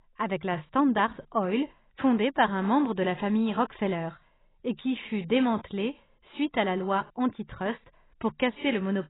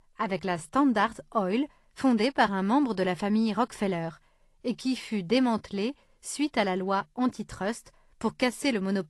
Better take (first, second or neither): second